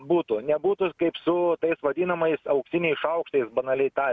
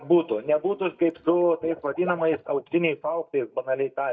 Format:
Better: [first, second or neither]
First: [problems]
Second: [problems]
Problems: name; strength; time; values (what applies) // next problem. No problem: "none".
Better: first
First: none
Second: noise reduction (neural mask model DeepFilterNet 3)